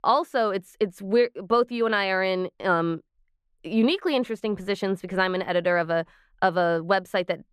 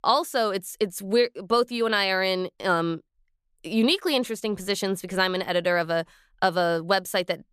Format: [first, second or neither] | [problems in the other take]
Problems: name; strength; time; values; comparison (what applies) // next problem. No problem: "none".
second | muffled; slightly; fading above 4 kHz